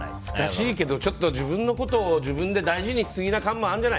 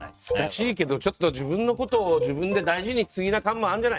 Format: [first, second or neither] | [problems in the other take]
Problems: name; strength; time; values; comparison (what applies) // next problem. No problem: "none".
first | noise reduction (neural mask model RNNoise)